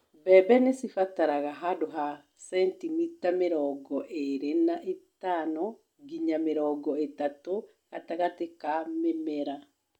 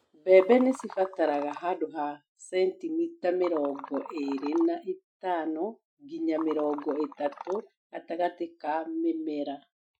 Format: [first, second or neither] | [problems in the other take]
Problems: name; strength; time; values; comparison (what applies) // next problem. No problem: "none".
first | noise reduction (classical method Wiener filter)